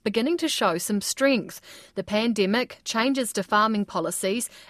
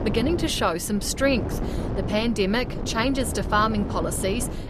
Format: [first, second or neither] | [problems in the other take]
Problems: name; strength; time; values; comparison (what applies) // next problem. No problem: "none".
first | wind noise on the microphone; occasional gusts; 10 dB below the speech